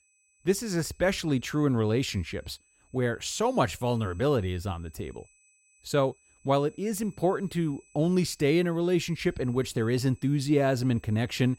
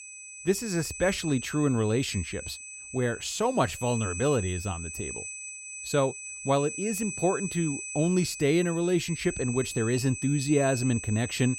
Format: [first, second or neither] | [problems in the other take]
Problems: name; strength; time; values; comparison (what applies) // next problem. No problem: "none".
first | high-pitched whine; loud; throughout; 8 kHz, 8 dB below the speech; faint in the first